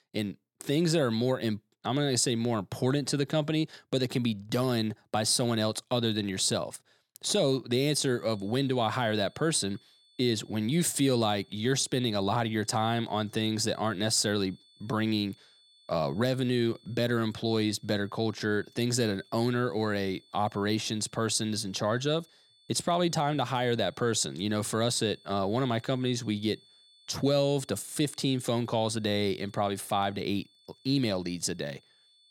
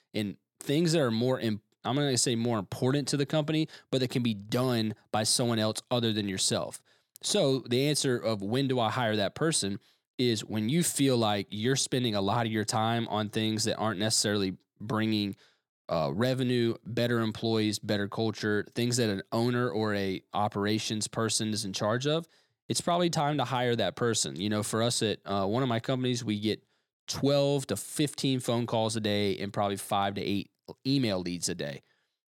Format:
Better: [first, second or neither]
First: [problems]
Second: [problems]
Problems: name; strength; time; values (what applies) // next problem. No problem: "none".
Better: second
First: high-pitched whine; faint; from 8 s on; 3.5 kHz, 30 dB below the speech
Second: none